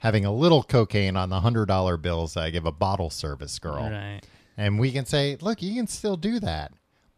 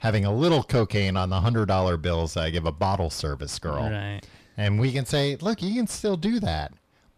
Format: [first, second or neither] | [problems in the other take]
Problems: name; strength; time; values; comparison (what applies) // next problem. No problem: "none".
first | distortion; slight; 10 dB below the speech